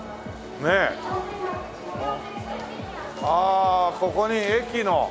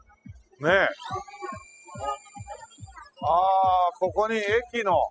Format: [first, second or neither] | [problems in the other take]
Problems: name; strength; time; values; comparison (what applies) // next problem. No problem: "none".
first | noise reduction (classical method spectral subtraction)